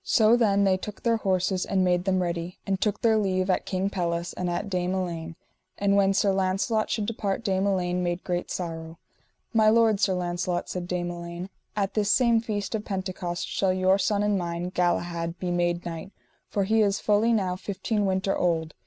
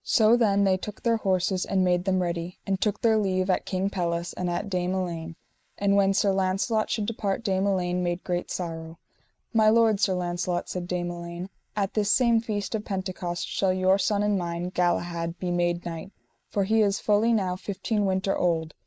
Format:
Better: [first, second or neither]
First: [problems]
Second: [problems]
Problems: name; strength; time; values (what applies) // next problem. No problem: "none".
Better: first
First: none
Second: noise reduction (neural mask model Resemble Enhance denoiser)